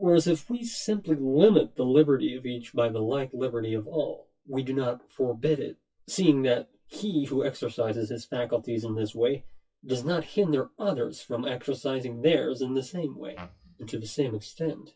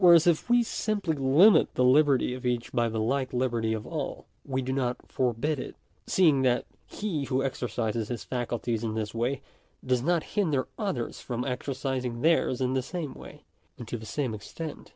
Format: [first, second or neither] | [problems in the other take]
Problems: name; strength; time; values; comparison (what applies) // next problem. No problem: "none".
second | noise reduction (classical method WPE with log-MMSE)